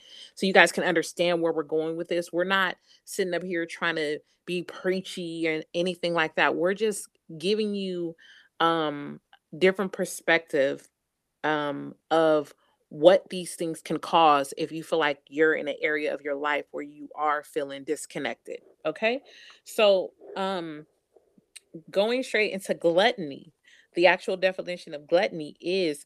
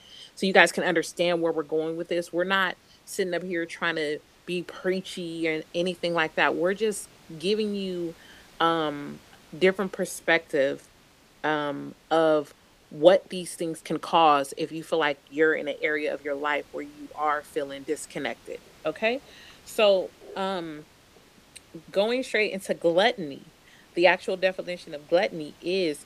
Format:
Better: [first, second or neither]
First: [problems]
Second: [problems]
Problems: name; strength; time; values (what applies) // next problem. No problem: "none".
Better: first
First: none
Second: hiss; faint; throughout; 30 dB below the speech